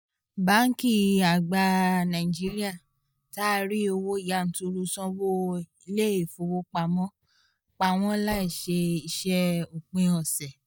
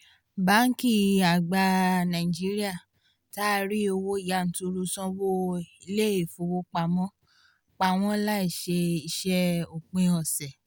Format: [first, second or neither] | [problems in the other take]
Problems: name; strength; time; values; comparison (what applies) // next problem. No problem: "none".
second | noise reduction (neural mask model DeepFilterNet 3)